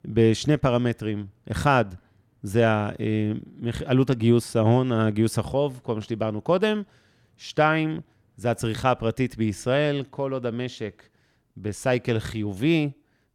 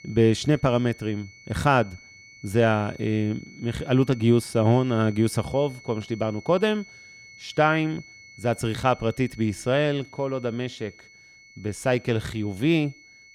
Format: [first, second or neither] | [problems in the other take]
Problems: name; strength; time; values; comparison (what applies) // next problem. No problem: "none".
first | high-pitched whine; faint; throughout; 2 kHz, 20 dB below the speech